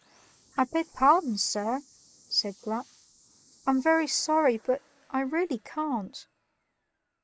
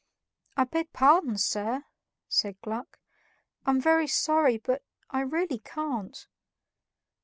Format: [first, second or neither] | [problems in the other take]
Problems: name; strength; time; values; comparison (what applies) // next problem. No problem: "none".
second | noise reduction (neural mask model Resemble Enhance denoiser)